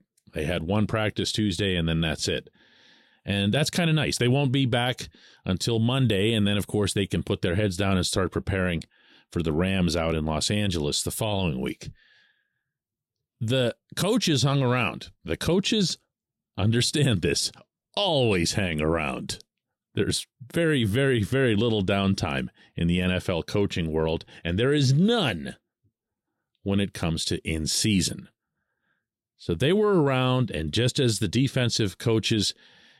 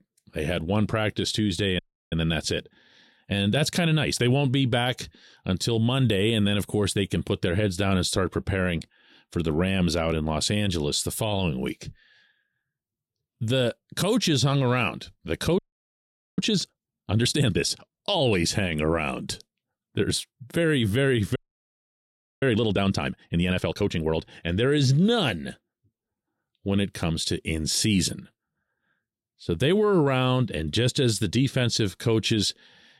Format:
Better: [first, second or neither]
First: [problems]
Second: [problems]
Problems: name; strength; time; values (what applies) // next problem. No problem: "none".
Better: first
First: none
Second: audio freezing; at 2 s, at 16 s for 1 s and at 21 s for 1 s